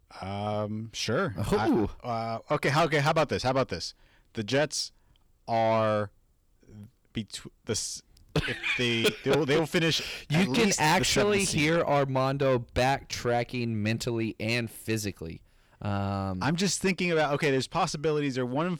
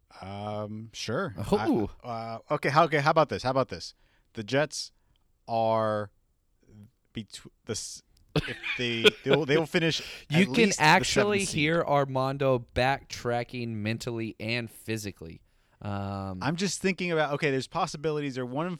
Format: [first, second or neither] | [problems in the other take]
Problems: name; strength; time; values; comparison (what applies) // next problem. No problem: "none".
second | distortion; heavy; 8 dB below the speech